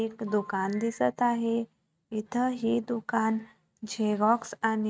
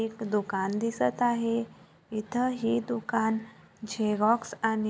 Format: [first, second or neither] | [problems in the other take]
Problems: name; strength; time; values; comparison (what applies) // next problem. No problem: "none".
second | noise reduction (neural mask model RNNoise)